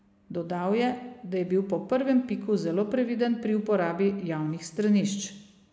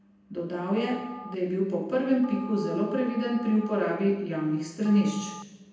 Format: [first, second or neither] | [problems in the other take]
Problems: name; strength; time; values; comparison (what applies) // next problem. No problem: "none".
first | background sound (Telephone); 18 dB below the speech // room echo; dies away in 0.9 s